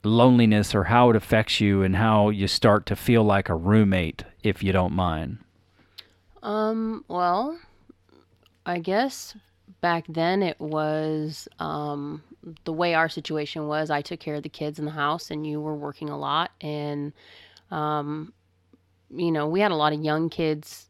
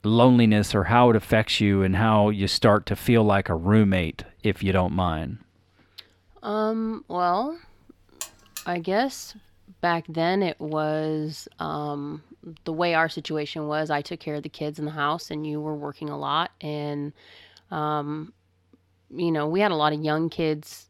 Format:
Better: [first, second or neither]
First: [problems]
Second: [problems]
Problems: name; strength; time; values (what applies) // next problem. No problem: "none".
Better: first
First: none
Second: alarm; faint; at 8 s; peak 10 dB below the speech